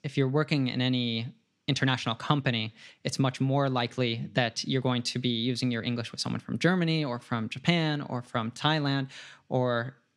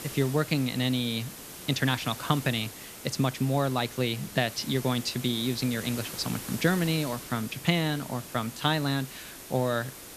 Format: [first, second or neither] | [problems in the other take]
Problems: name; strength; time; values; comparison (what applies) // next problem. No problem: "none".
first | hiss; noticeable; throughout; 10 dB below the speech